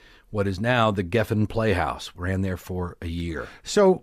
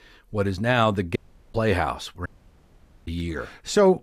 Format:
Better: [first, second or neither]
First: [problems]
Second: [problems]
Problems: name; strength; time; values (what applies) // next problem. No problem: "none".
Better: first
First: none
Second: audio cutting out; at 1 s and at 2.5 s for 1 s